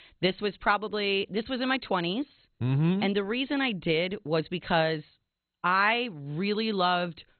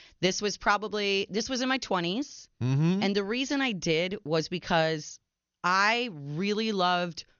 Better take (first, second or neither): second